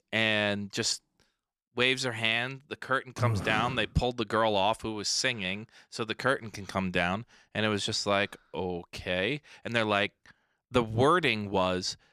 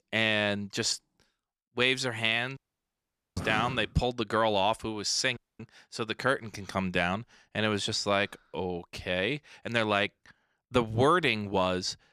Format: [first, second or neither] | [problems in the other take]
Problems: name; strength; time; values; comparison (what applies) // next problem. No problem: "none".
first | audio cutting out; at 2.5 s for 1 s and at 5.5 s